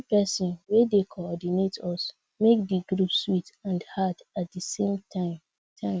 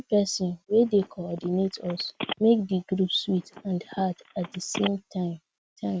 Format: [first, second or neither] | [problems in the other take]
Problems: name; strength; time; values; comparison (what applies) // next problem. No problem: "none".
first | background sound (Telephone); 14 dB below the speech